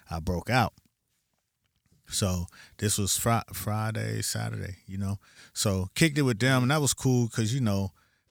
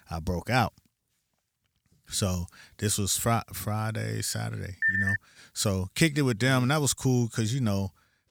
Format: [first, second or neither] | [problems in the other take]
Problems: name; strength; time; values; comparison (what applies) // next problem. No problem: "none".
first | phone ringing; loud; at 5 s; peak 3 dB above the speech